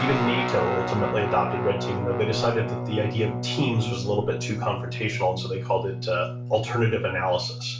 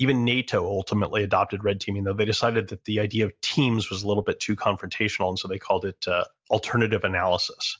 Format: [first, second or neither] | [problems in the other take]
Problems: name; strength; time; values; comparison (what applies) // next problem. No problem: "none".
second | background sound (Guitar); 4 dB below the speech // room echo; dies away in 0.3 s